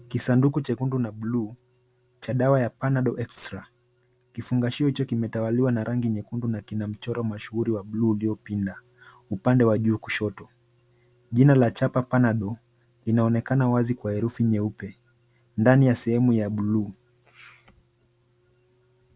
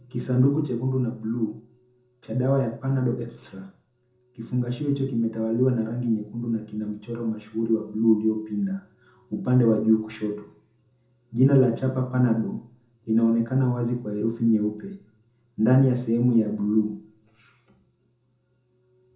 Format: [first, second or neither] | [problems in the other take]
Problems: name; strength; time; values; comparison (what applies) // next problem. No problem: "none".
first | room echo; dies away in 0.5 s